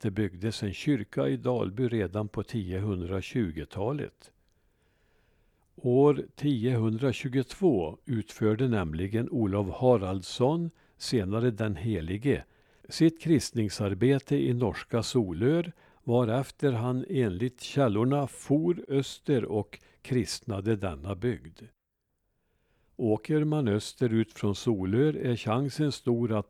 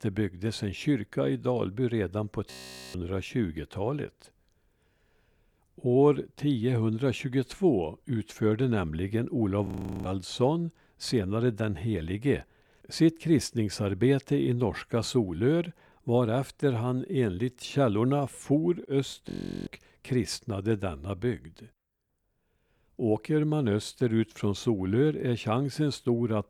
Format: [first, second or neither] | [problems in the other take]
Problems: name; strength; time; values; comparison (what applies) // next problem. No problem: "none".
first | audio freezing; at 2.5 s, at 9.5 s and at 19 s